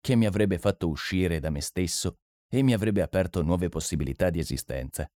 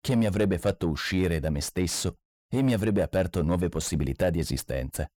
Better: first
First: none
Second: distortion; slight; 10 dB below the speech

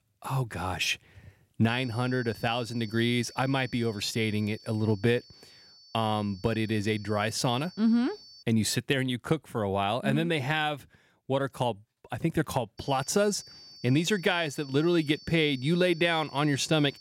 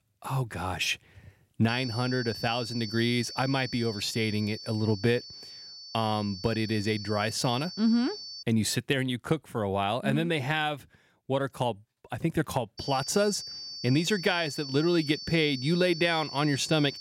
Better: first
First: high-pitched whine; faint; from 1.5 to 8.5 s and from 13 s on; 4.5 kHz, 20 dB below the speech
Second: high-pitched whine; loud; from 1.5 to 8.5 s and from 13 s on; 4.5 kHz, 10 dB below the speech

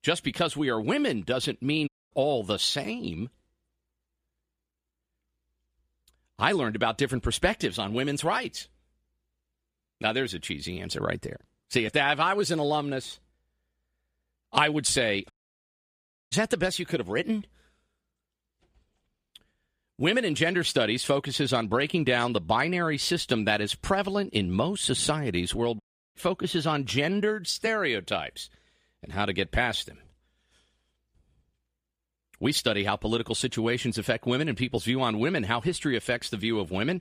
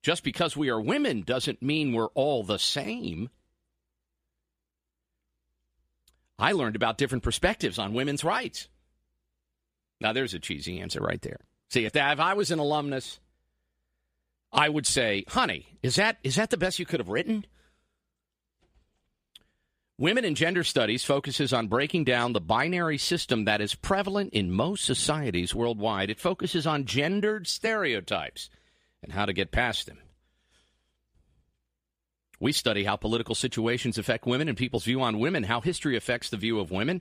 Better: second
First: audio cutting out; at 2 s, at 15 s for 1 s and at 26 s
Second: none

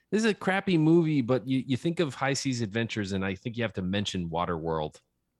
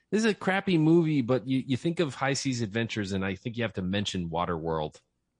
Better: first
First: none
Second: garbled, watery; slightly; nothing above 8 kHz

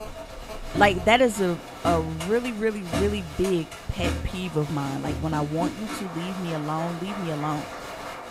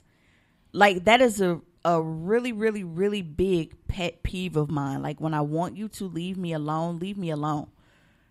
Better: second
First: crowd noise; loud; throughout; 8 dB below the speech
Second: none

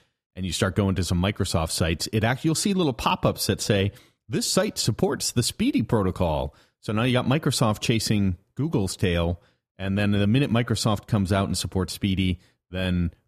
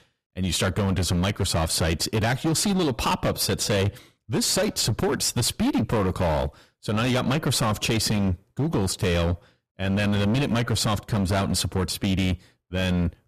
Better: first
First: none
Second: distortion; heavy; 21% of the sound clipped

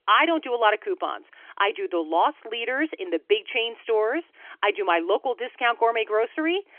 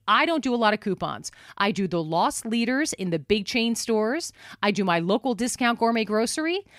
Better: second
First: phone-call audio; nothing above 3.5 kHz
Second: none

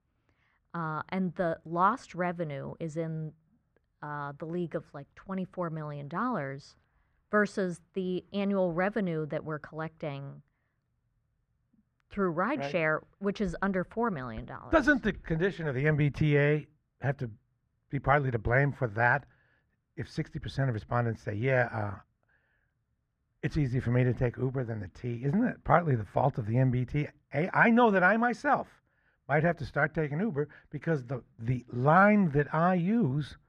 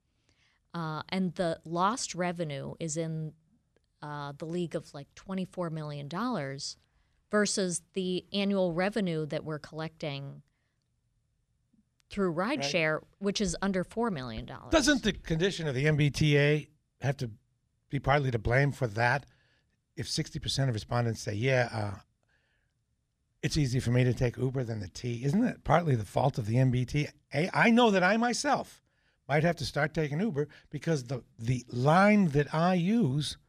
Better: second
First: muffled; very; fading above 3 kHz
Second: none

